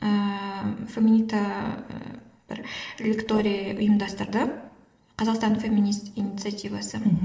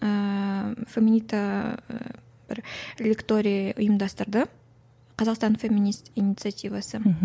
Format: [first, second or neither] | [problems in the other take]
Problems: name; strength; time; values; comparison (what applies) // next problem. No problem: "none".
second | noise reduction (neural separator model SepFormer DNS4)